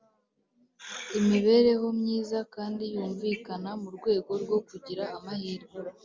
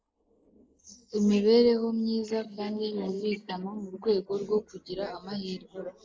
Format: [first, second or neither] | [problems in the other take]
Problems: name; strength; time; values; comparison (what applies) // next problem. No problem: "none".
first | noise reduction (neural mask model Resemble Enhance denoiser)